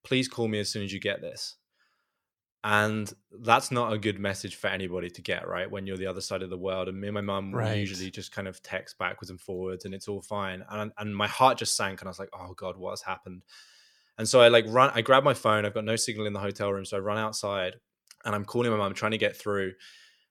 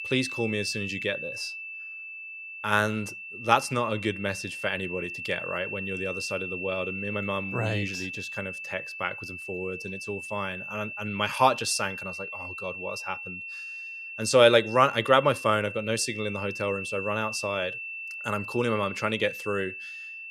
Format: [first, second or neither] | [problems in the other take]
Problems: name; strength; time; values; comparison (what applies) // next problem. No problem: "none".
first | high-pitched whine; loud; throughout; 2.5 kHz, 7 dB below the speech